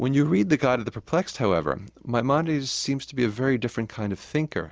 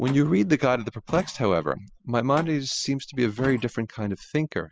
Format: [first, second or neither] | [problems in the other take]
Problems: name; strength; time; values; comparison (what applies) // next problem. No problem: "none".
first | noise reduction (classical method spectral subtraction)